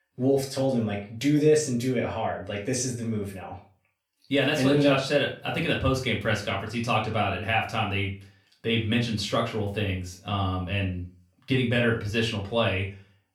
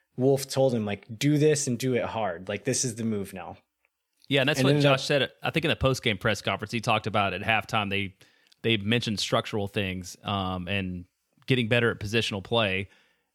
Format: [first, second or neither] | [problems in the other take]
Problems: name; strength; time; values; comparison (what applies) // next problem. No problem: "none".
second | off-mic speech; far // room echo; slight; dies away in 0.3 s